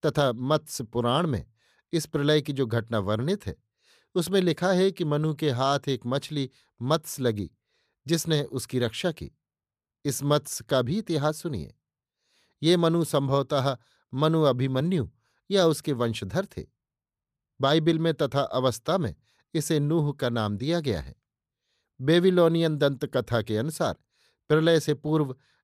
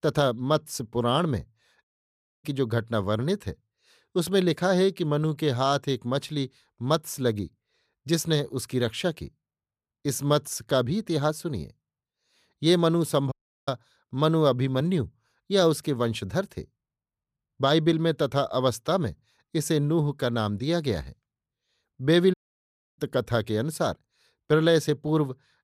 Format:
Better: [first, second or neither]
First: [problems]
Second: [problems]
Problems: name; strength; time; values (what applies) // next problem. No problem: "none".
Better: first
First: none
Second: audio cutting out; at 2 s for 0.5 s, at 13 s and at 22 s for 0.5 s